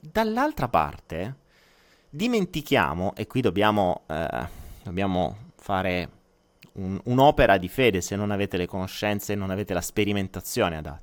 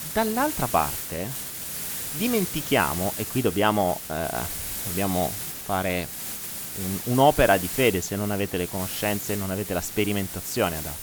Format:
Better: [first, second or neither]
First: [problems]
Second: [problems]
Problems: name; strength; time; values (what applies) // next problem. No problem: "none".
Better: first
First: none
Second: hiss; loud; throughout; 5 dB below the speech